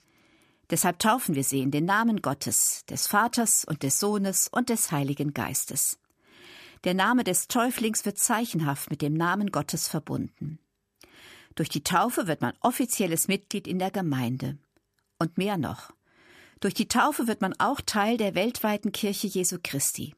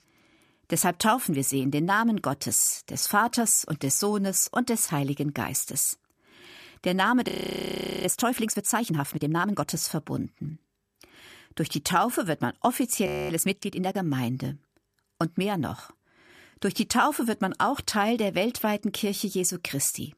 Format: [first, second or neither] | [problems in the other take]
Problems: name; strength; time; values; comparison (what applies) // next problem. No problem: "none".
first | audio freezing; at 7.5 s for 0.5 s and at 13 s